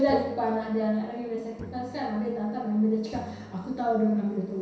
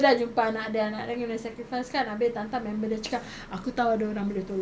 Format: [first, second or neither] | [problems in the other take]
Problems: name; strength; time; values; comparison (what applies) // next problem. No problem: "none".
second | background sound (Guitar); 19 dB below the speech // room echo; dies away in 0.7 s